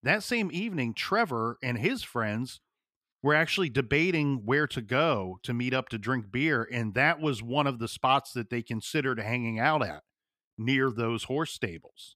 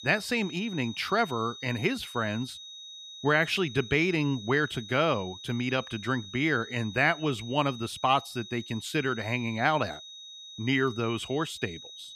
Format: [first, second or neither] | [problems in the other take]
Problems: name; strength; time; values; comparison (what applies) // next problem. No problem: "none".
first | high-pitched whine; noticeable; throughout; 4 kHz, 15 dB below the speech